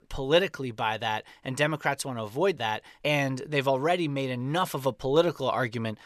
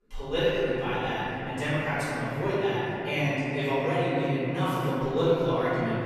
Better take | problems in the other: first | room echo; strong; dies away in 3 s // off-mic speech; far

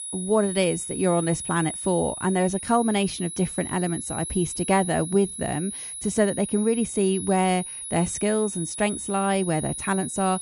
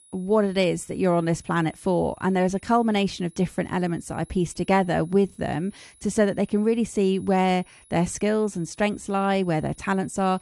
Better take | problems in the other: second | high-pitched whine; loud; throughout; 10 kHz, 7 dB below the speech; faint in the second

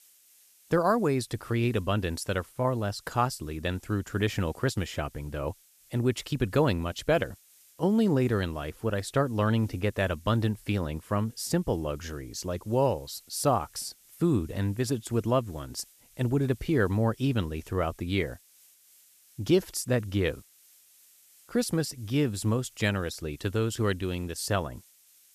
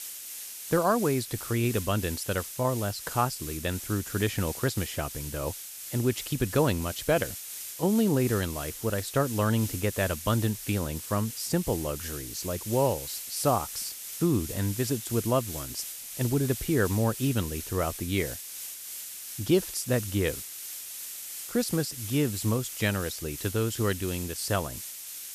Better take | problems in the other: first | hiss; loud; throughout; 8 dB below the speech; faint in the first

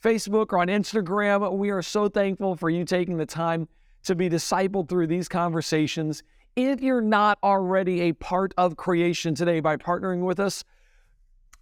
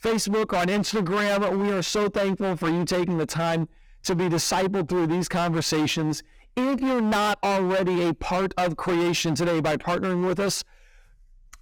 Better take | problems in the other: first | distortion; heavy; 28% of the sound clipped

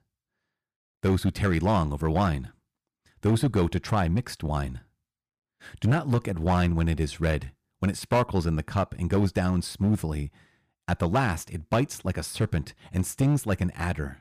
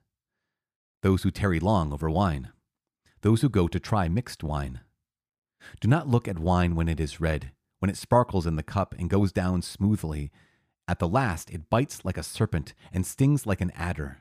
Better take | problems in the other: second | distortion; slight; 4% of the sound clipped

